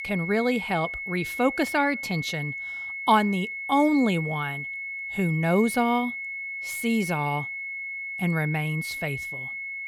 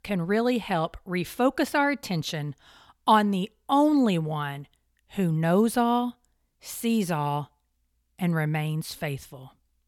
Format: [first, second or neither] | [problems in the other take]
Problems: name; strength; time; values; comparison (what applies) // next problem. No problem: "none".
second | high-pitched whine; loud; throughout; 2 kHz, 6 dB below the speech